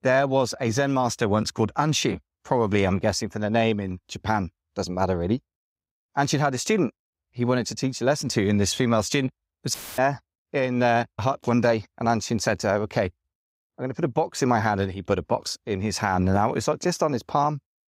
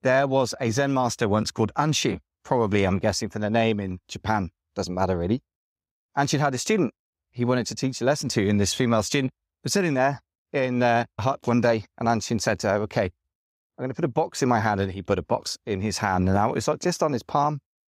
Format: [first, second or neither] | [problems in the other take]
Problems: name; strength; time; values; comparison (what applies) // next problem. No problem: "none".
second | audio cutting out; filled with static; at 9.5 s